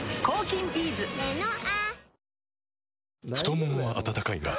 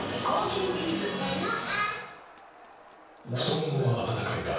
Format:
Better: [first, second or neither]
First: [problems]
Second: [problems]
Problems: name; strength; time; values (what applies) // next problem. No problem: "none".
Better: first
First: none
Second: background sound (Crowd); 18 dB below the speech // room echo; dies away in 0.7 s